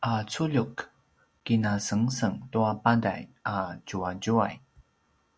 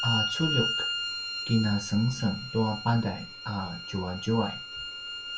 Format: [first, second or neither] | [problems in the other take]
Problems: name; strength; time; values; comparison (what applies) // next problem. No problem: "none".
first | background sound (Bowed string instrument); 5 dB below the speech // room echo; dies away in 0.2 s